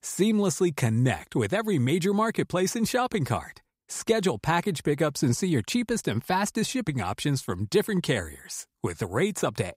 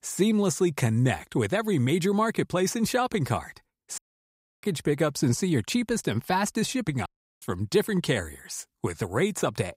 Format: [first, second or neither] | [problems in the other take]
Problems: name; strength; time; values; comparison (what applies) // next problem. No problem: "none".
first | audio cutting out; at 4 s for 0.5 s and at 7 s